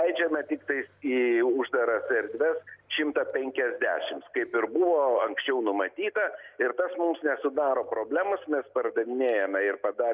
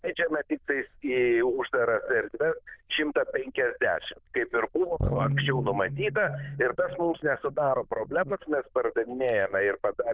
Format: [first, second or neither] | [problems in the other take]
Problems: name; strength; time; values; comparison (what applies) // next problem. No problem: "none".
first | noise reduction (neural diffusion model UNIVERSE++)